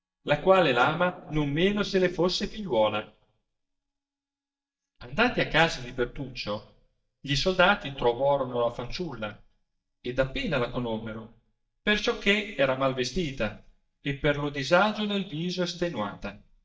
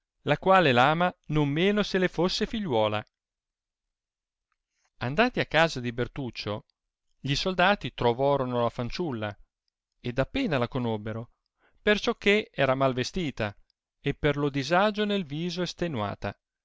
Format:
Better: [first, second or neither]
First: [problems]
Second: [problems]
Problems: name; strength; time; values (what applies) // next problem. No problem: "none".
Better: second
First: noise reduction (neural mask model DeepFilterNet 3)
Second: none